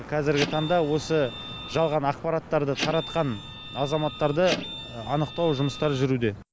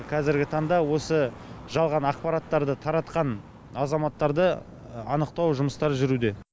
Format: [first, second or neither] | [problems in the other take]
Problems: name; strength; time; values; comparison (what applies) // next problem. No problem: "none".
second | background sound (Printer); 10 dB below the speech